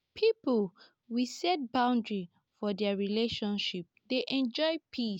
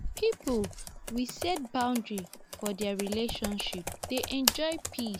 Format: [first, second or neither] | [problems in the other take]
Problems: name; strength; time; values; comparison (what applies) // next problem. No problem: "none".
first | background sound (Computer keyboard); 5 dB below the speech